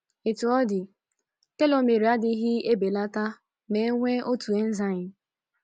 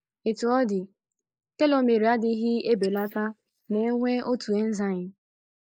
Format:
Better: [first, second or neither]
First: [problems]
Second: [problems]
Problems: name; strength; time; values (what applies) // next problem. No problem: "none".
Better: first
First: none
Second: noise reduction (neural mask model Resemble Enhance denoiser)